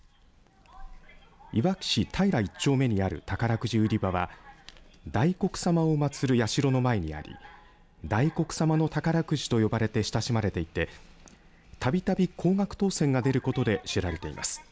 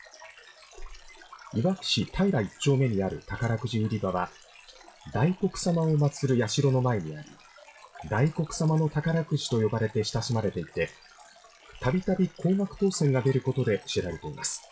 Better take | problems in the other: first | noise reduction (classical method WPE with log-MMSE)

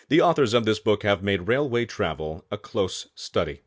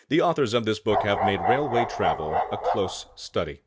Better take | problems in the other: first | background sound (Bark); 1 dB below the speech

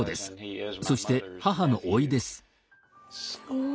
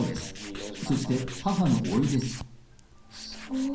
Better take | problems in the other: first | background sound (Tools); 12 dB below the speech // room echo; dies away in 0.6 s

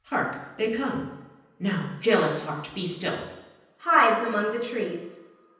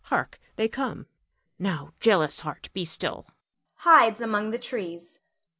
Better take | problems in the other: second | room echo; dies away in 0.9 s

